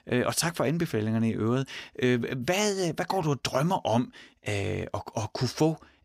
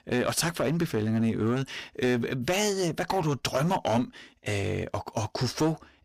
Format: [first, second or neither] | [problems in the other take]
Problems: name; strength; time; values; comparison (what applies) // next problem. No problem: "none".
first | distortion; slight; 7% of the sound clipped